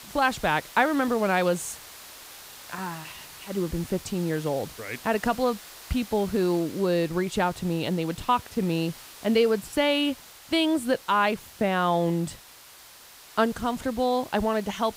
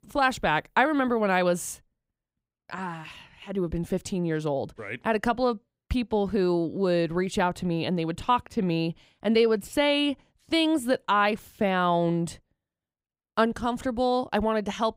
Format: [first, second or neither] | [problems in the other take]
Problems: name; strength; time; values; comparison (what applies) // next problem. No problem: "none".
second | hiss; noticeable; throughout; 15 dB below the speech